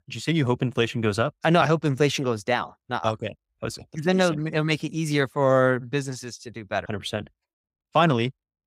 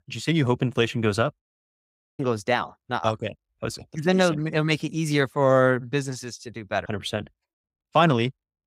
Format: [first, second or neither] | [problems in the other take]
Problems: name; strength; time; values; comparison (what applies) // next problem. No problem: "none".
first | audio cutting out; at 1.5 s for 1 s